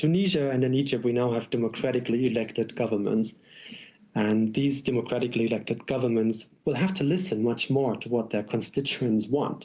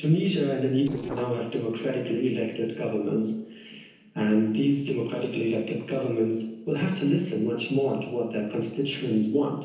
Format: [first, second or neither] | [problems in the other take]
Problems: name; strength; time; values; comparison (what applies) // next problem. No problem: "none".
first | noise reduction (neural separator model SepFormer DNS4)